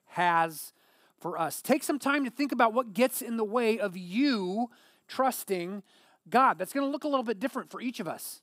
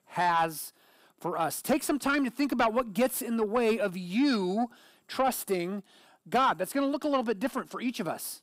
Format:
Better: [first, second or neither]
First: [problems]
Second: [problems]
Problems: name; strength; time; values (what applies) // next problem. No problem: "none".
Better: first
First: none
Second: distortion; slight; 10 dB below the speech